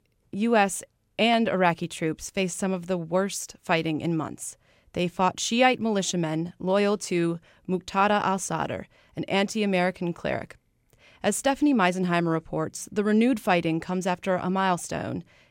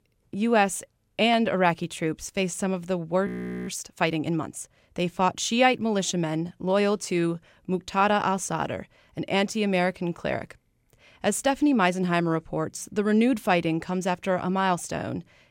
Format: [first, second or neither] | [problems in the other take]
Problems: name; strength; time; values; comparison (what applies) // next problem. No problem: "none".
first | audio freezing; at 3.5 s